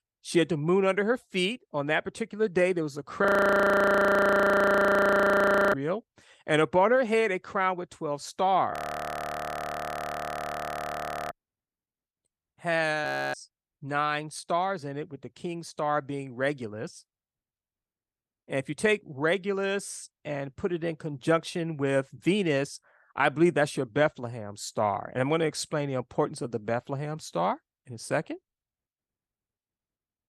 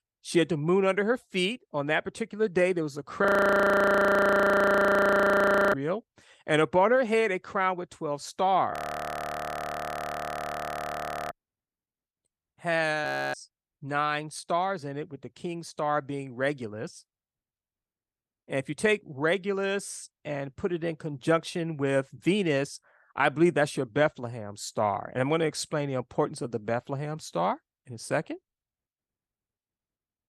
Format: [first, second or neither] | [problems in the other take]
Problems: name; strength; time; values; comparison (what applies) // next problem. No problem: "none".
neither | audio freezing; at 3.5 s for 2.5 s, at 8.5 s for 2.5 s and at 13 s; the same in both